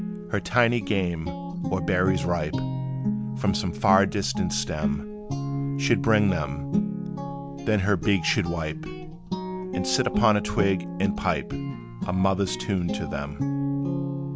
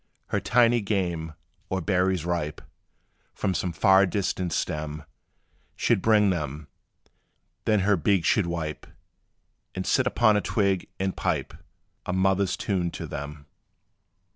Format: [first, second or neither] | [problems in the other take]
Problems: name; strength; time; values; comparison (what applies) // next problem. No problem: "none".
second | background sound (Guitar); 3 dB below the speech